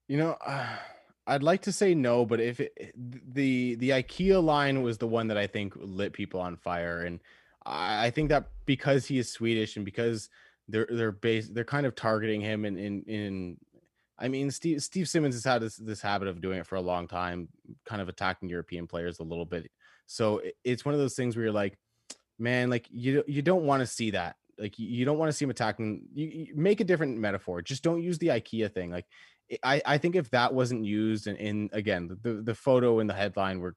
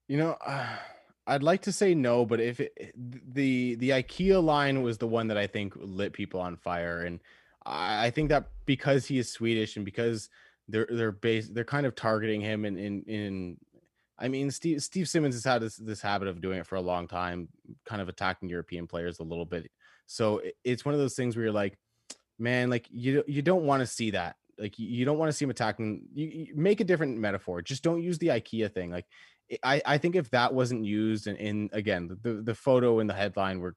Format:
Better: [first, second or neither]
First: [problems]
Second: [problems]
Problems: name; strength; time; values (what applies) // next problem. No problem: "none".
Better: neither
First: none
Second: none